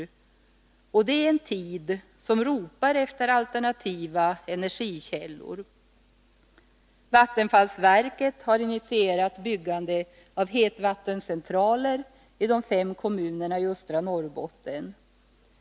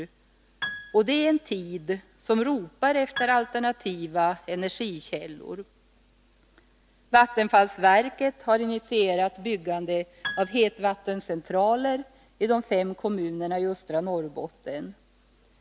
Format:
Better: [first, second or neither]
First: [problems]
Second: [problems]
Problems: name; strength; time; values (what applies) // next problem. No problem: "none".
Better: first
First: none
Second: background sound (Piano); 14 dB below the speech